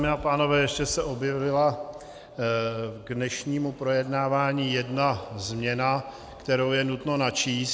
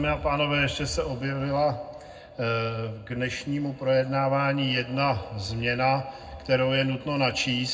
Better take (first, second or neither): first